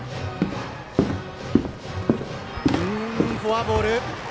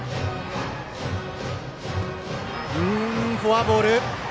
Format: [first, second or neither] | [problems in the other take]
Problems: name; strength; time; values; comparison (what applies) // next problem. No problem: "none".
second | background sound (Walk, footsteps); 1 dB above the speech